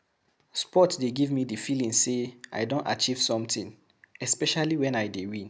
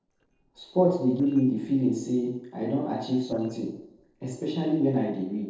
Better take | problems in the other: first | noise reduction (neural separator model SepFormer DNS4)

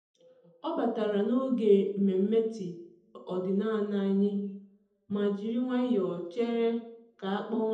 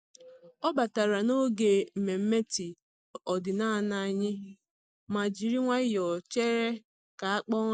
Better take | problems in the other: second | room echo; dies away in 0.7 s

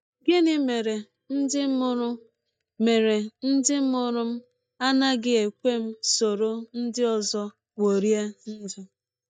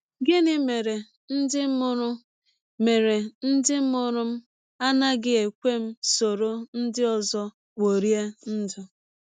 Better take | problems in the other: second | noise reduction (neural mask model DeepFilterNet 3)

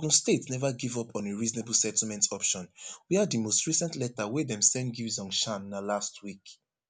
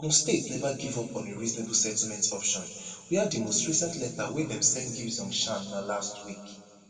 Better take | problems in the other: first | room echo; dies away in 2 s

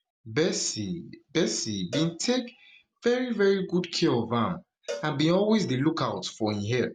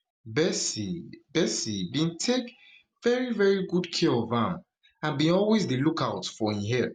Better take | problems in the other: second | background sound (Cowbell); 17 dB below the speech

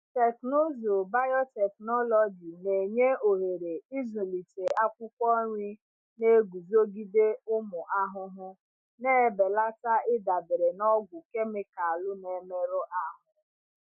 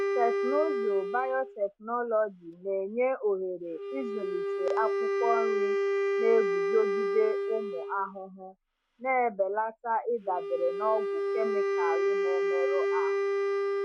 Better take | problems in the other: first | background sound (Wind instrument, woodwind instrument); 1 dB above the speech

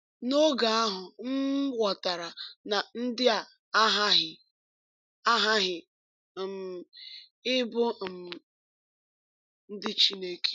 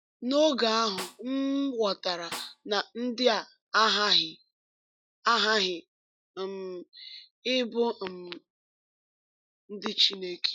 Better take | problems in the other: first | noise reduction (classical method log-MMSE)

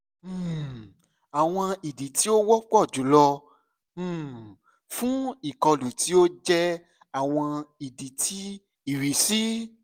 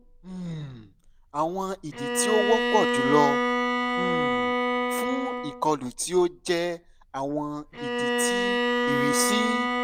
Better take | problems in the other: first | background sound (Bowed string instrument); 1 dB above the speech

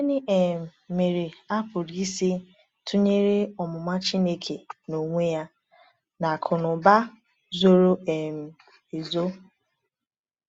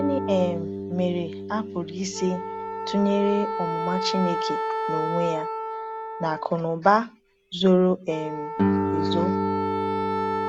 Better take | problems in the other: first | background sound (Wind instrument, woodwind instrument + Guitar); 2 dB below the speech

